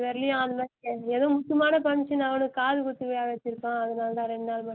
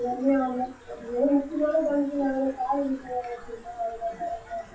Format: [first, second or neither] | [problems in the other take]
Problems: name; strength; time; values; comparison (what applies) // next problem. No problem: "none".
first | noise reduction (classical method WPE with log-MMSE)